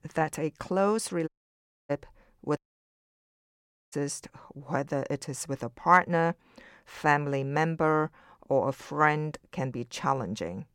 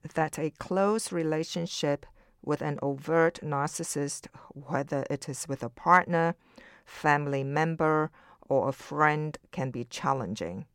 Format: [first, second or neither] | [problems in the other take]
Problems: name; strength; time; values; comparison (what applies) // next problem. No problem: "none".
second | audio cutting out; at 1.5 s for 0.5 s and at 2.5 s for 1.5 s